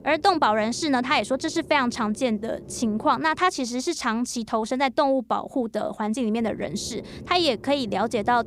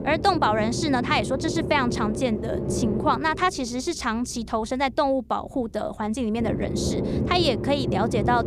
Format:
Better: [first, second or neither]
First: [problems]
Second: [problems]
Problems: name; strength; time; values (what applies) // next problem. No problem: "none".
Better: first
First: low rumble; faint; throughout; 25 dB below the speech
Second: low rumble; loud; throughout; 9 dB below the speech